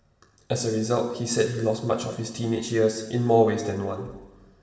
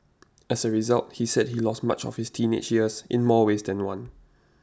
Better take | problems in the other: second | room echo; dies away in 1.2 s

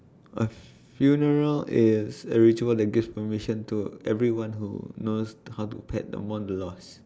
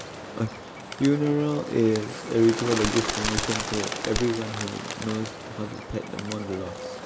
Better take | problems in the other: first | background sound (Bird); 6 dB below the speech

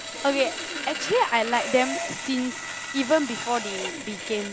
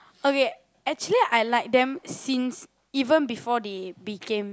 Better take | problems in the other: second | background sound (Sawing); 7 dB below the speech

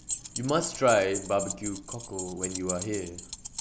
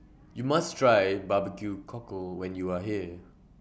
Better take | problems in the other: second | background sound (Keys jangling); 7 dB below the speech

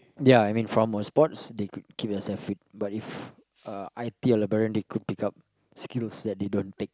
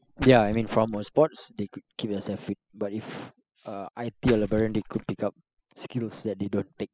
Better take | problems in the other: first | noise reduction (classical method spectral subtraction)

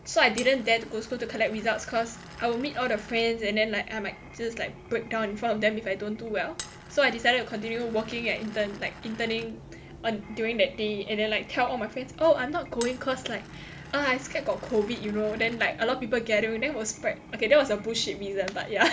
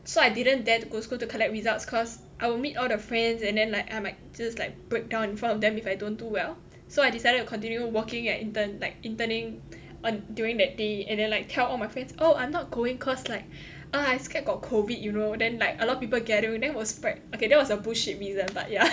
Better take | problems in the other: second | background sound (Glass); 20 dB below the speech

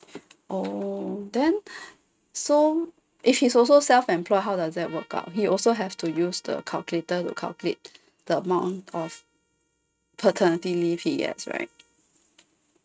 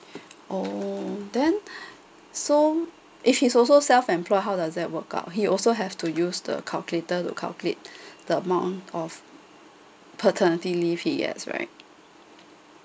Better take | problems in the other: second | noise reduction (neural mask model RNNoise)

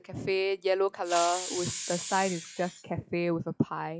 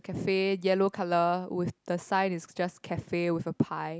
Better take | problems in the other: second | noise reduction (classical method log-MMSE)

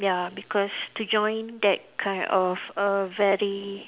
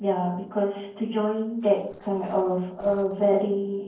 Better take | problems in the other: first | noise reduction (neural separator model SepFormer DNS4)

